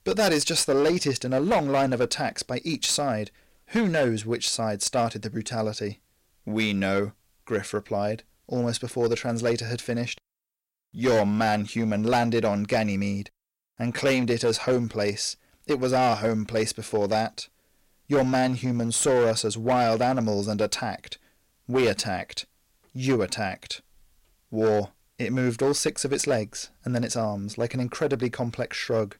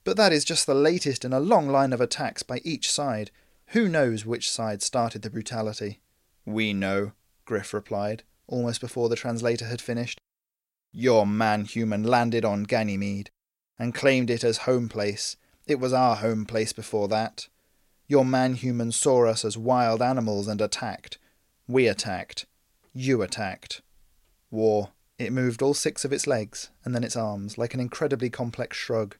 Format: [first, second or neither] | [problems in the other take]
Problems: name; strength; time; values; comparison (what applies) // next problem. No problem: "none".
second | distortion; slight; 6% of the sound clipped